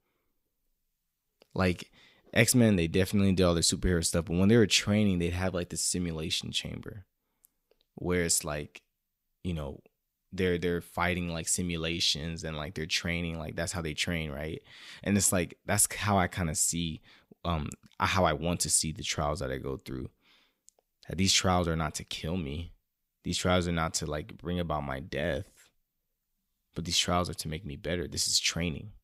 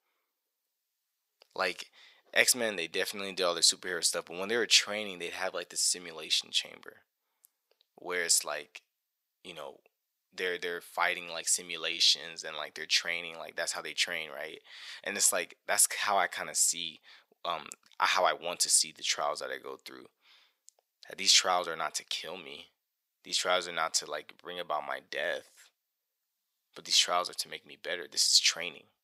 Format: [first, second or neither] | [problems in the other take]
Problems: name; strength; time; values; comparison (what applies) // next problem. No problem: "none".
first | thin; very; fading below 700 Hz